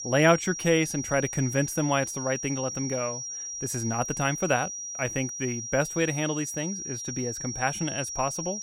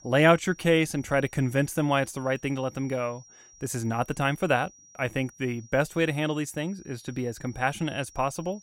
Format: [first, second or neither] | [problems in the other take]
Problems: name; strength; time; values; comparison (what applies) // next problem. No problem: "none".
second | high-pitched whine; loud; throughout; 5.5 kHz, 5 dB below the speech; faint in the second